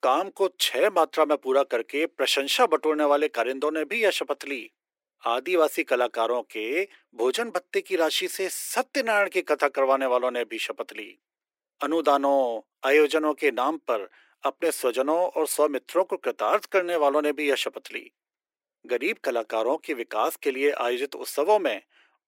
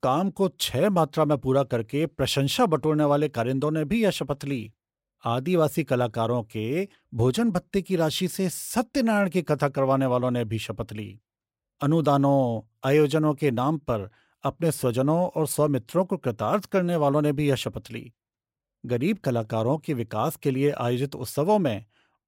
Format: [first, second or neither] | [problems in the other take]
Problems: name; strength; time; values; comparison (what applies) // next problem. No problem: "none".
second | thin; somewhat; fading below 300 Hz